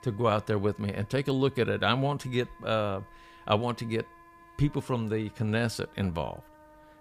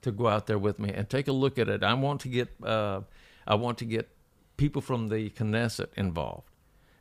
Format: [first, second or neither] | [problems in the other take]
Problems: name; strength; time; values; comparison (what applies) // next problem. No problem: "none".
second | background music; faint; throughout; 25 dB below the speech